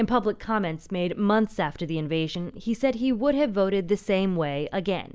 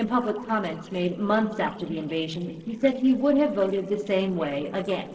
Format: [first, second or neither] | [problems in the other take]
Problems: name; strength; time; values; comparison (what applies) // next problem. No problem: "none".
first | noise reduction (neural separator model SepFormer DNS4)